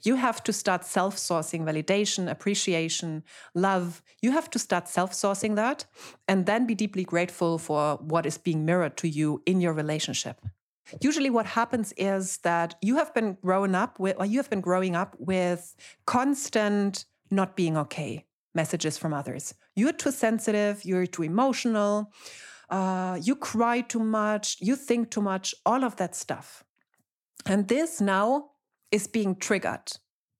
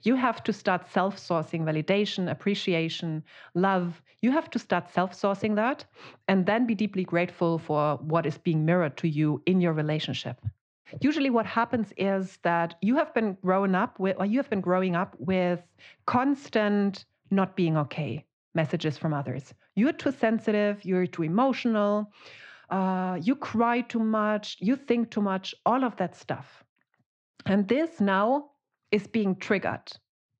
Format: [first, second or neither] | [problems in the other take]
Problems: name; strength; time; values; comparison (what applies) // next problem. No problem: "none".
first | muffled; slightly; fading above 4 kHz